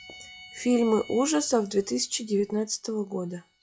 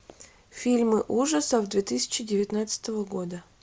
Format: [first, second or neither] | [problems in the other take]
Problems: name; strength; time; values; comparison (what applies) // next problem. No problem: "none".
second | noise reduction (classical method log-MMSE)